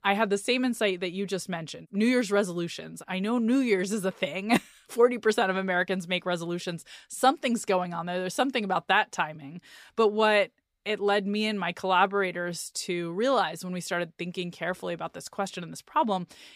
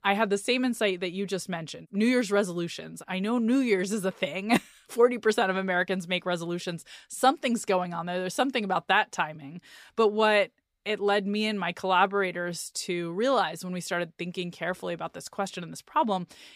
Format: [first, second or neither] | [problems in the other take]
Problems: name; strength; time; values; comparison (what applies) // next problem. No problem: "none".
neither | none